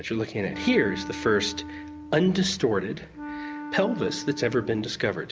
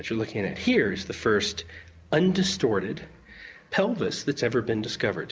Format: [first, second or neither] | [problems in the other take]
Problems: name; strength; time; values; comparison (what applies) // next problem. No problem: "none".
second | background sound (Wind instrument, woodwind instrument); 12 dB below the speech